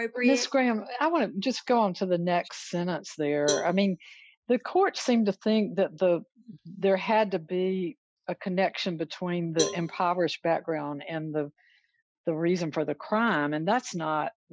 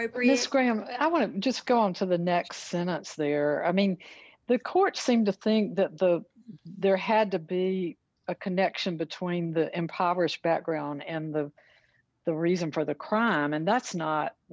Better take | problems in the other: second | noise reduction (classical method Wiener filter)

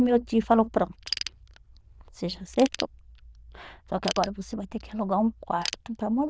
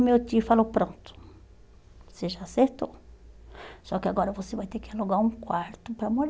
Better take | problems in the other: second | noise reduction (neural diffusion model UNIVERSE++)

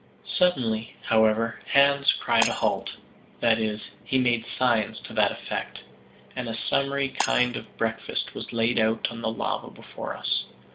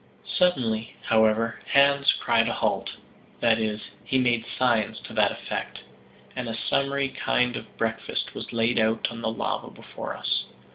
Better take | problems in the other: second | background sound (Shatter); 13 dB below the speech

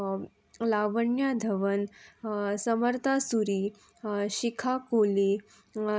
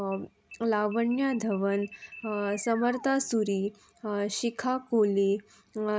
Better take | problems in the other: first | background sound (Alarm); 19 dB below the speech

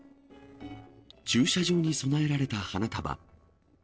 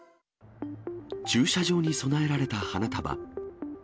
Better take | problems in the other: second | noise reduction (neural separator model SepFormer DNS4)

